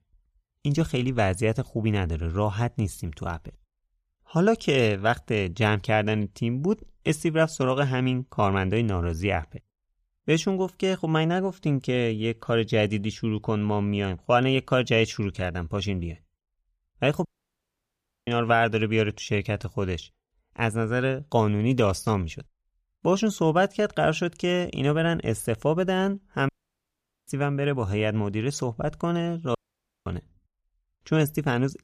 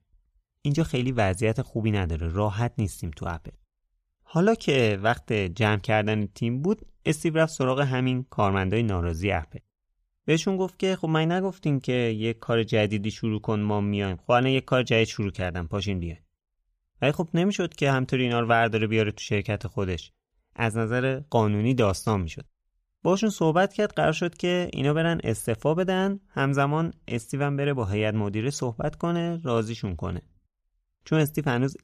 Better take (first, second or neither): second